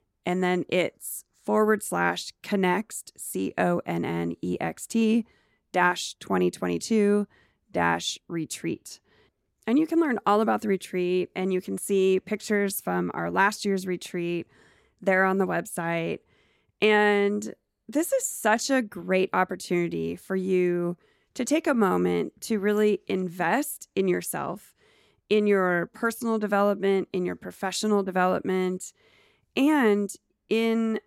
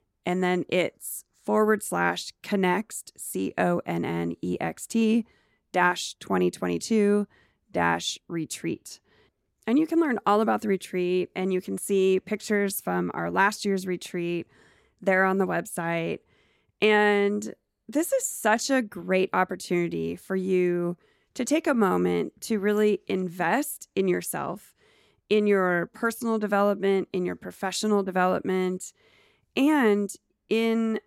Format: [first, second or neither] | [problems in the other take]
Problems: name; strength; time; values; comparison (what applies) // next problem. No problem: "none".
neither | none